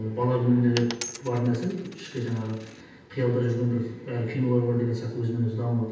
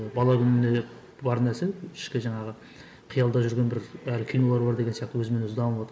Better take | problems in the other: second | background sound (Coin (dropping)); 15 dB below the speech // room echo; dies away in 0.9 s

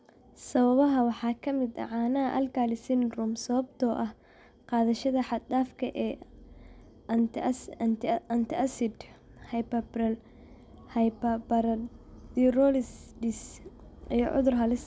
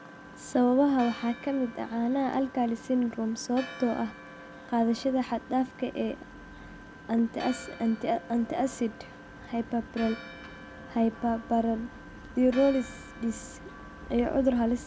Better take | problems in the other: first | background sound (Engine + Church bell); 17 dB below the speech

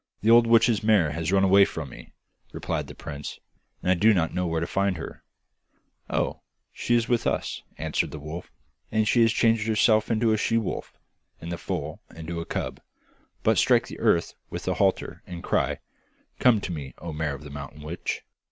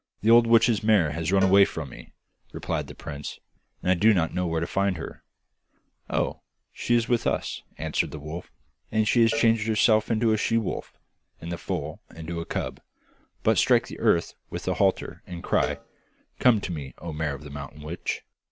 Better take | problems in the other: first | background sound (Cowbell); 18 dB below the speech

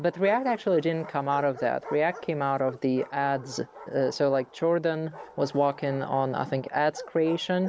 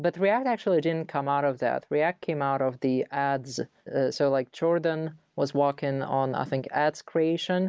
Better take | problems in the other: second | background sound (Bark); 18 dB below the speech

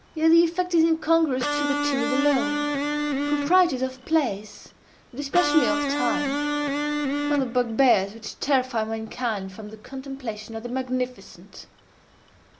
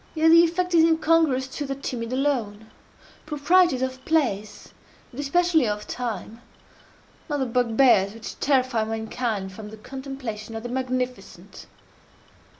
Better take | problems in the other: second | background sound (Electric guitar); 1 dB below the speech

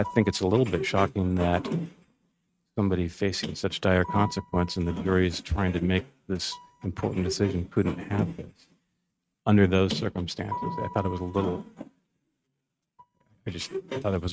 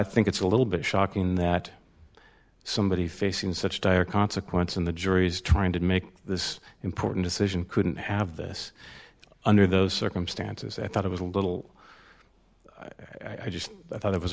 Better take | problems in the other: second | noise reduction (neural mask model RNNoise)

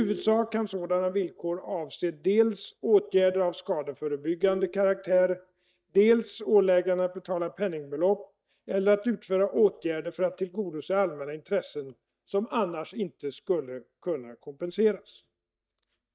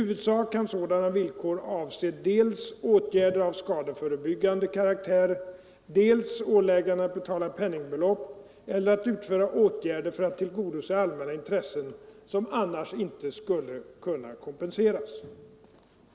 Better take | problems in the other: second | noise reduction (neural mask model DeepFilterNet 3)

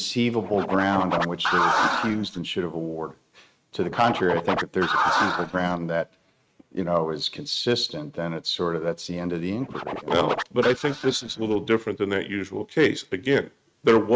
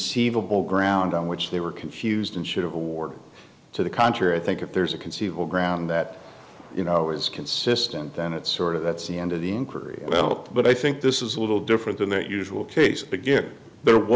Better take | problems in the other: second | noise reduction (neural mask model RNNoise)

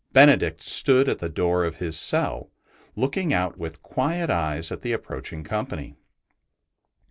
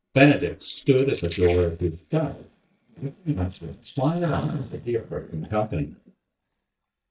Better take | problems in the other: first | noise reduction (neural mask model DeepFilterNet 3)

